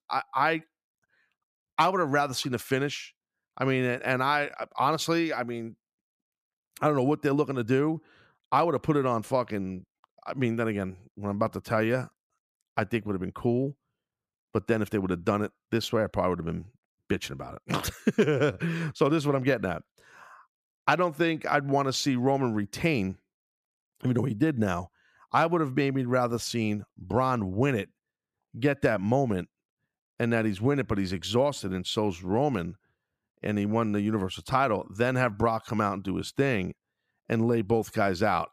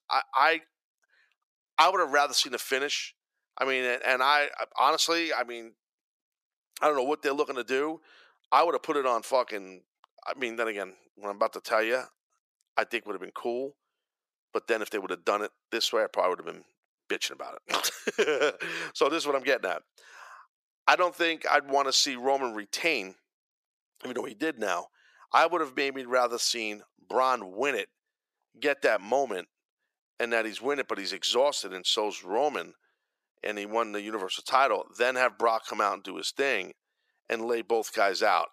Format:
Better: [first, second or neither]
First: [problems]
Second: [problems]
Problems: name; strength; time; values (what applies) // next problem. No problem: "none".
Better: first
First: none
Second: thin; very; fading below 450 Hz